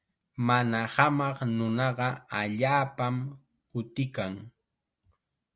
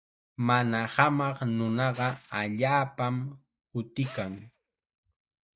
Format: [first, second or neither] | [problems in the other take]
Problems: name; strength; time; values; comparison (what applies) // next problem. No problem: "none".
first | noise reduction (neural mask model DeepFilterNet 3)